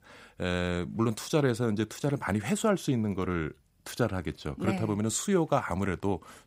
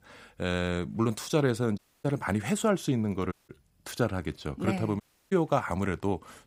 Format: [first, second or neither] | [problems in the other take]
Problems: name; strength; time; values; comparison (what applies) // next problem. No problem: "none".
first | audio cutting out; at 2 s, at 3.5 s and at 5 s